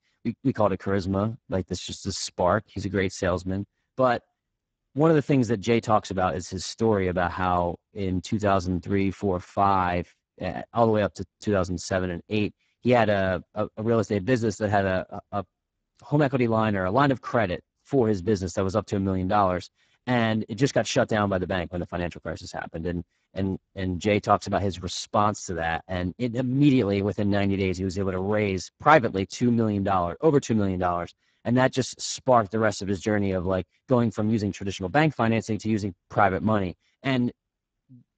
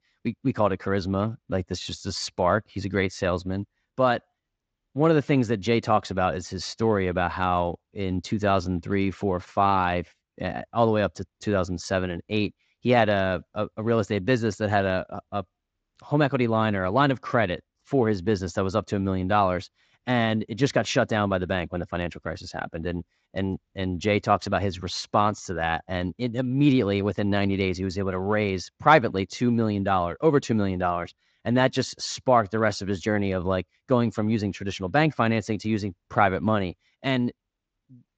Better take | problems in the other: second | garbled, watery; badly; nothing above 7.5 kHz; slightly in the second

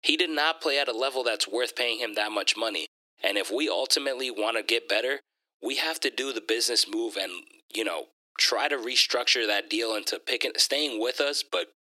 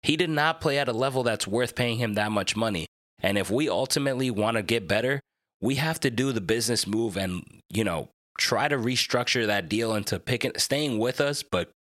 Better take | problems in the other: second | thin; somewhat; fading below 300 Hz

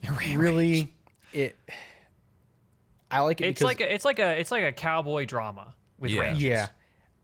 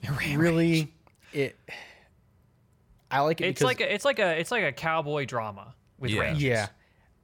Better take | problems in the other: second | garbled, watery; slightly; nothing above 16.5 kHz

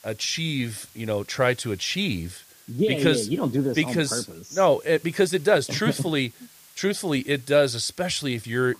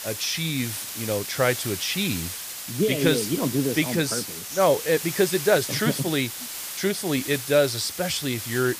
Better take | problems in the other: first | hiss; loud; throughout; 7 dB below the speech; faint in the first

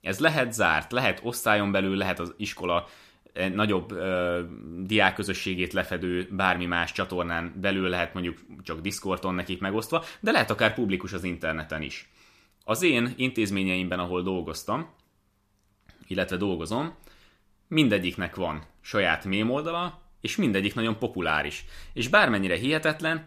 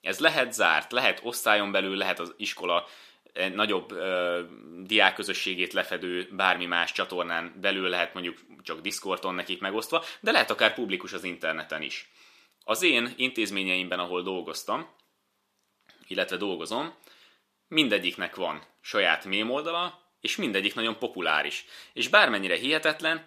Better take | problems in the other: first | thin; somewhat; fading below 350 Hz

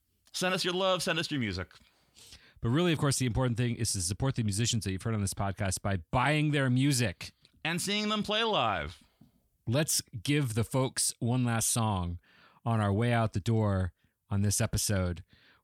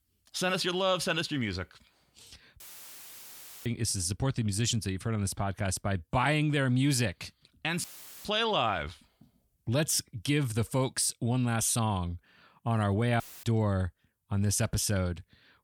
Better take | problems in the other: first | audio cutting out; filled with static; at 2.5 s for 1 s, at 8 s and at 13 s

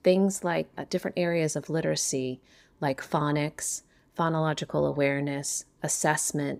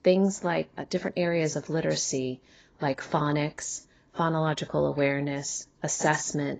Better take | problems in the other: first | garbled, watery; badly; nothing above 7.5 kHz

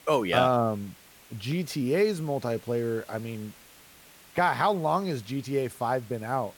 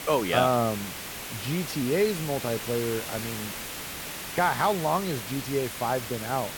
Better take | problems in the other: first | hiss; loud; throughout; 7 dB below the speech; faint in the first

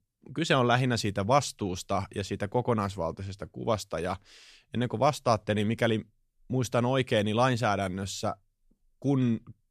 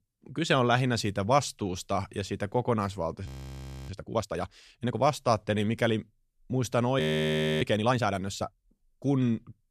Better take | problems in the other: first | audio freezing; at 3.5 s for 0.5 s and at 7 s for 0.5 s

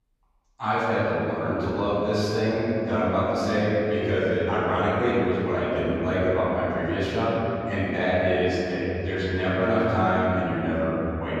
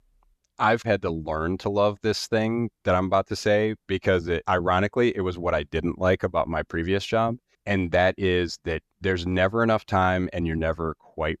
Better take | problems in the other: second | off-mic speech; far // room echo; strong; dies away in 3 s

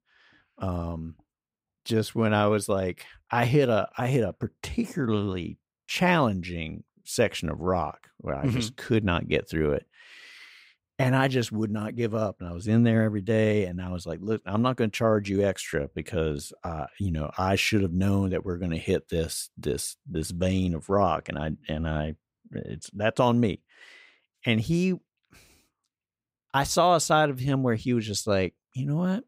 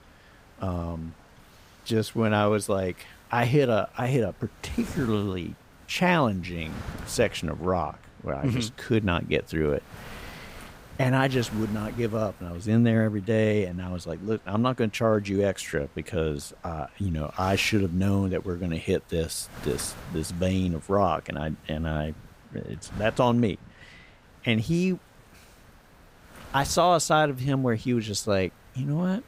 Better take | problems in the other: first | wind noise on the microphone; occasional gusts; 20 dB below the speech

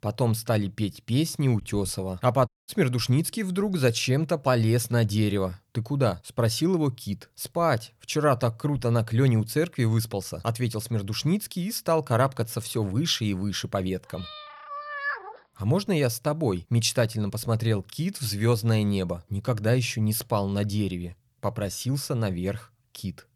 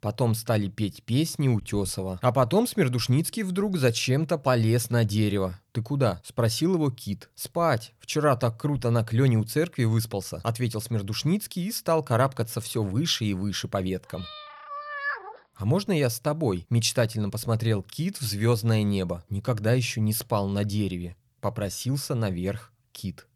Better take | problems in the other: second | audio cutting out; at 2.5 s

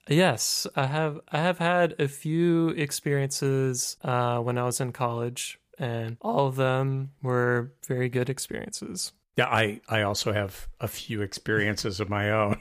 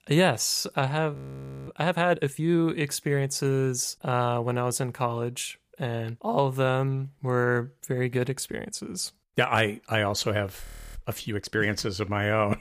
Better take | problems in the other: first | audio freezing; at 1 s for 0.5 s and at 11 s

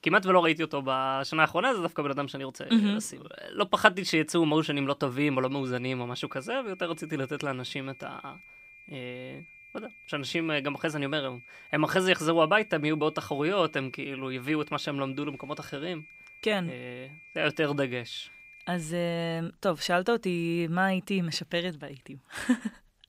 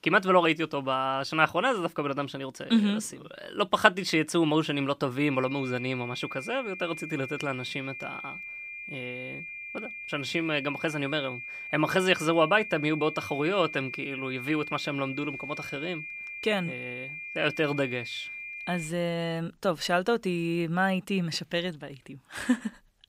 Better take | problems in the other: first | high-pitched whine; loud; from 5.5 to 19 s; 2.5 kHz, 9 dB below the speech; faint in the first

